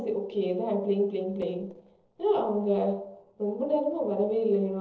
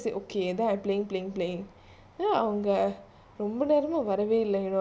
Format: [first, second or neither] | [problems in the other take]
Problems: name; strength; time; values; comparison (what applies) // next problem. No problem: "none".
second | noise reduction (neural separator model SepFormer DNS4)